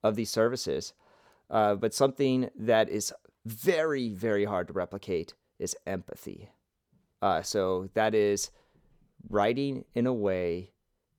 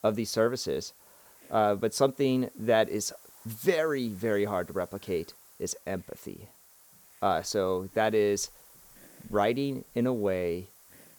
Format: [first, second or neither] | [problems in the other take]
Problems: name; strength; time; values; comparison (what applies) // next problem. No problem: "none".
first | hiss; faint; throughout; 25 dB below the speech